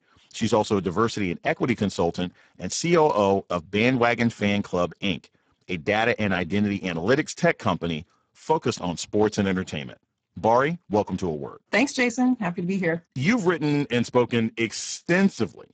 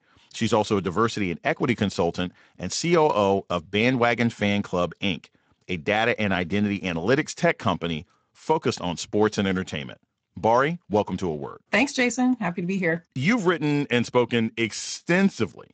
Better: second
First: garbled, watery; badly; nothing above 7.5 kHz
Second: garbled, watery; slightly; nothing above 8 kHz

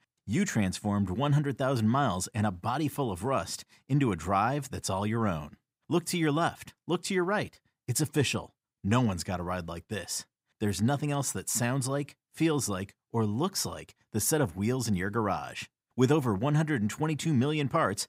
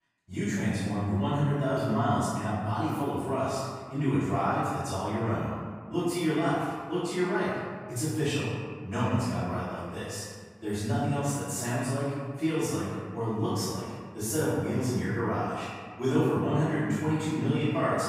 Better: first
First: none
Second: off-mic speech; far // room echo; strong; dies away in 1.5 s

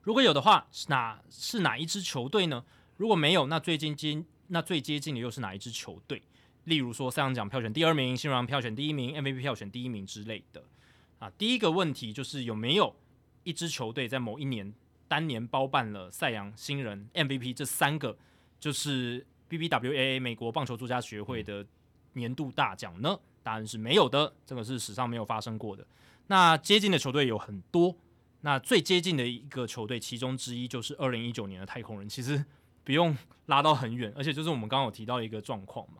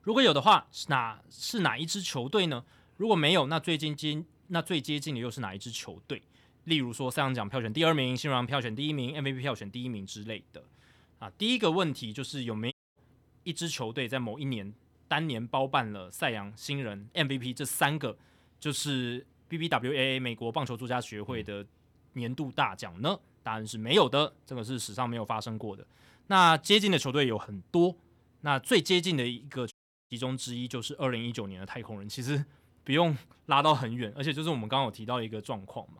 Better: first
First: none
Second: audio cutting out; at 13 s and at 30 s

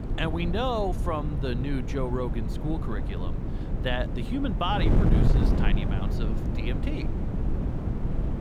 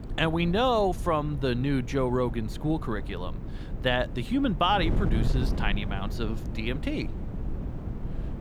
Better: second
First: wind noise on the microphone; heavy; 5 dB below the speech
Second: wind noise on the microphone; occasional gusts; 15 dB below the speech

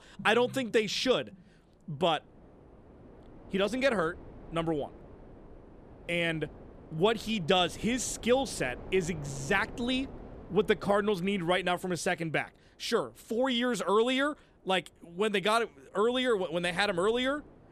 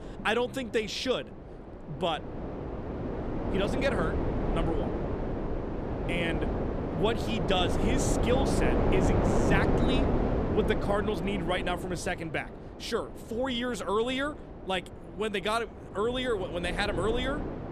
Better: first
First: wind noise on the microphone; occasional gusts; 25 dB below the speech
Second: wind noise on the microphone; heavy; 2 dB below the speech

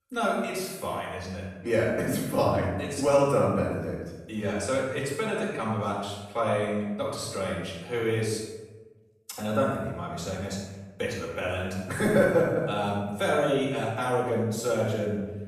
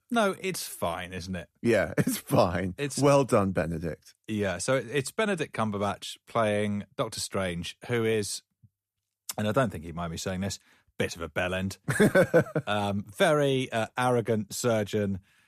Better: second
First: off-mic speech; far // room echo; noticeable; dies away in 0.9 s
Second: none

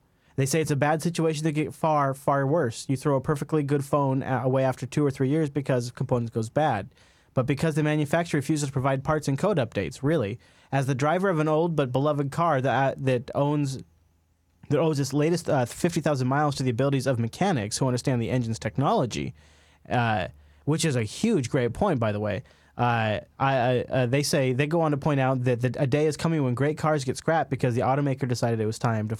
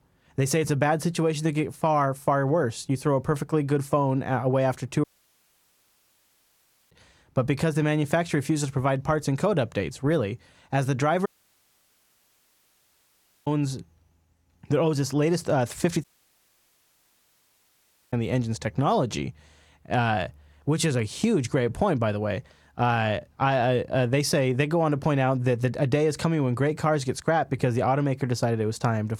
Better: first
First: none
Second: audio cutting out; at 5 s for 2 s, at 11 s for 2 s and at 16 s for 2 s

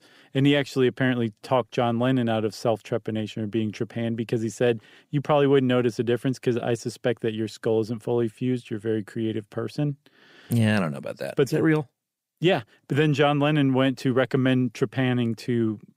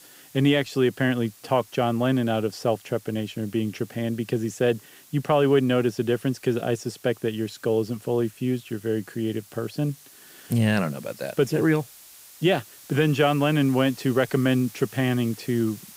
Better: first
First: none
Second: hiss; faint; throughout; 20 dB below the speech

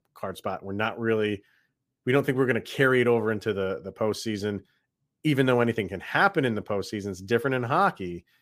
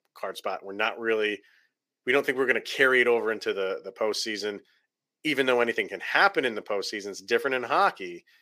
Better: first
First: none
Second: thin; somewhat; fading below 400 Hz

